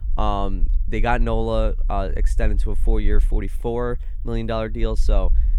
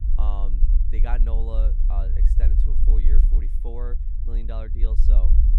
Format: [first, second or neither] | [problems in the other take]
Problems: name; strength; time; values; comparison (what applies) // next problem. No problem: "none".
first | low rumble; loud; throughout; 5 dB below the speech; faint in the first